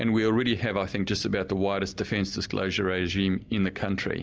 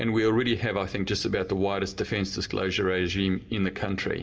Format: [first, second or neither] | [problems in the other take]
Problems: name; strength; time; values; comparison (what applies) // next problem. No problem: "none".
first | room echo; dies away in 0.3 s